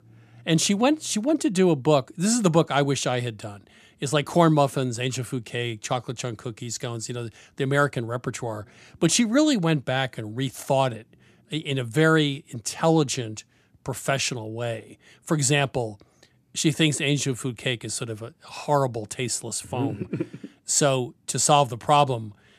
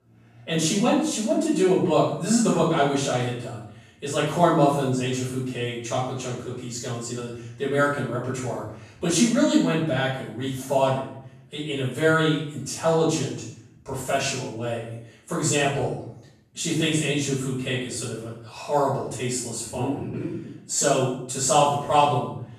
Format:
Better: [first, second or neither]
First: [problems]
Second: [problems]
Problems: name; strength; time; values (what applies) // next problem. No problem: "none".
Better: first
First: none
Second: off-mic speech; far // room echo; noticeable; dies away in 0.6 s